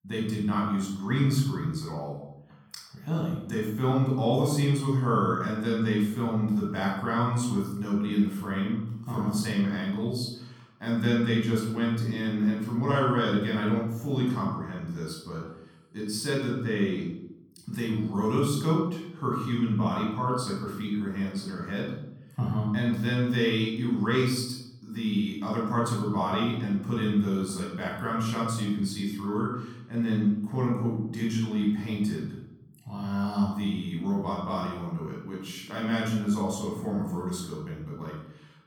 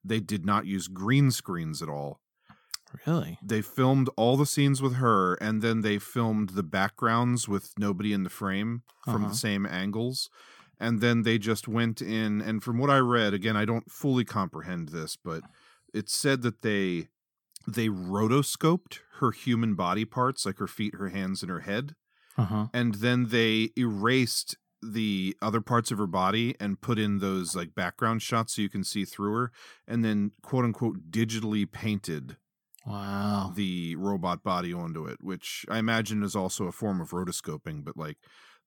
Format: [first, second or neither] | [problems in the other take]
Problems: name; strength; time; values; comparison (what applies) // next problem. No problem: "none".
second | off-mic speech; far // room echo; noticeable; dies away in 0.8 s